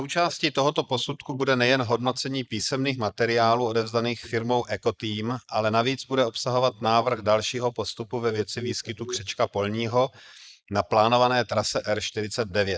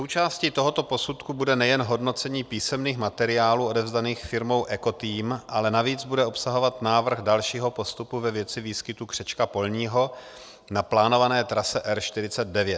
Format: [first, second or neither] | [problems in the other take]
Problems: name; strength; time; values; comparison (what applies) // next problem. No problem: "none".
second | noise reduction (neural mask model Resemble Enhance denoiser)